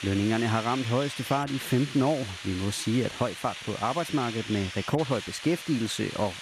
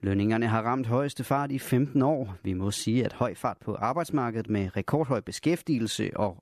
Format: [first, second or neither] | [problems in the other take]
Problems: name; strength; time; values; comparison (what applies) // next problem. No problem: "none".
second | hiss; loud; throughout; 9 dB below the speech